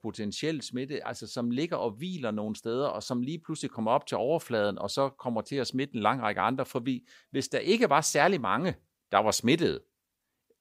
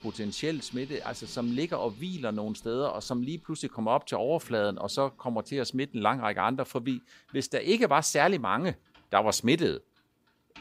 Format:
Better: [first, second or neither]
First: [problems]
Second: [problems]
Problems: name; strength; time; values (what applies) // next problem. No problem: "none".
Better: first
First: none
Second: household noises; faint; throughout; 25 dB below the speech